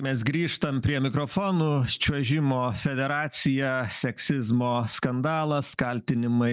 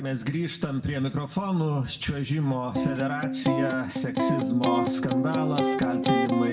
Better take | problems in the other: first | background sound (Electric guitar); 2 dB above the speech // room echo; dies away in 0.6 s

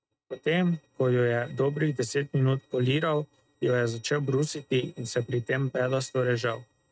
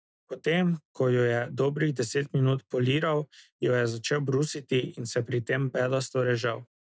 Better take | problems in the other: second | noise reduction (neural mask model RNNoise)

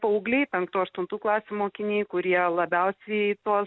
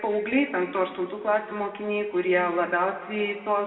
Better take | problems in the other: first | room echo; dies away in 1.8 s

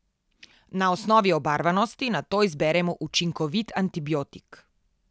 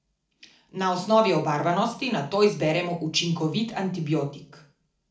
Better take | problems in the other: first | room echo; dies away in 0.4 s

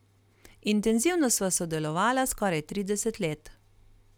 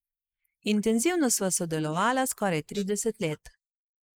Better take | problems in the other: first | noise reduction (neural mask model Resemble Enhance denoiser)

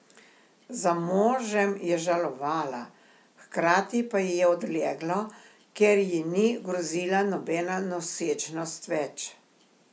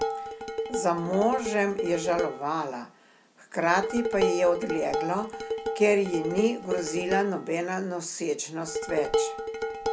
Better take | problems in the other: first | background sound (Dishes, pots, and pans); 5 dB below the speech

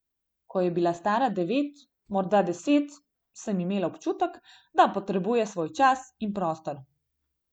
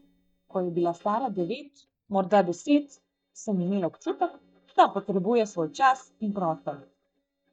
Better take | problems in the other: first | noise reduction (neural mask model DeepFilterNet 3)

